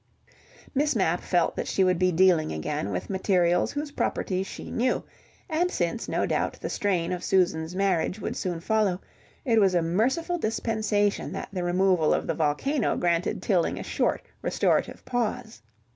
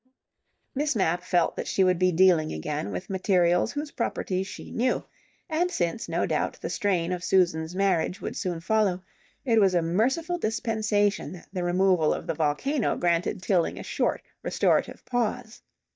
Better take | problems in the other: first | noise reduction (neural mask model DeepFilterNet 3)

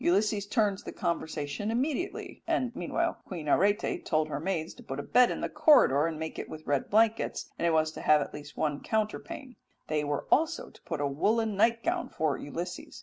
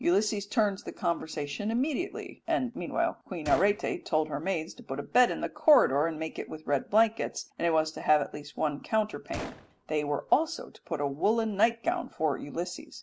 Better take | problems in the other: first | background sound (Gunshot, gunfire); 16 dB below the speech

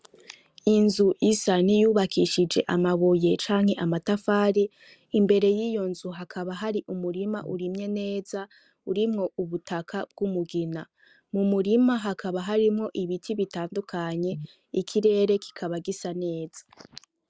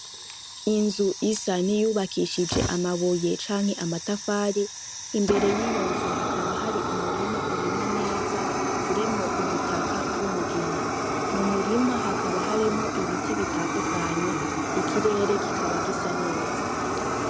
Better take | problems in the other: first | background sound (Fire); as loud as the speech

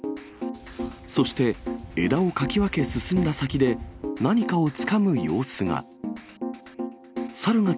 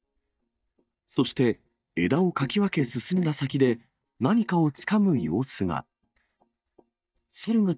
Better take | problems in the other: first | noise reduction (neural mask model DeepFilterNet 3)

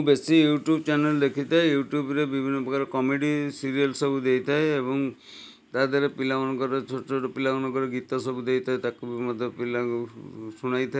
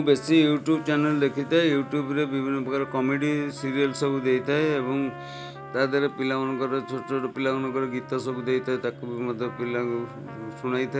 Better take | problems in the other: first | background sound (Trumpet + Bowed string instrument); 15 dB below the speech

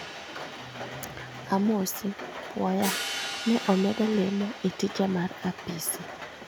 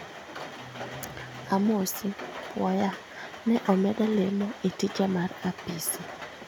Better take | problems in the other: second | background sound (Hi-hat); 11 dB below the speech

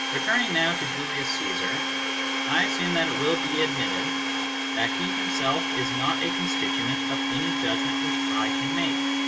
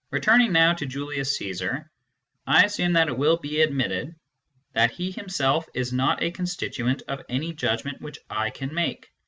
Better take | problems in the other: second | background sound (Domestic sounds, home sounds); 3 dB above the speech // room echo; dies away in 1.4 s

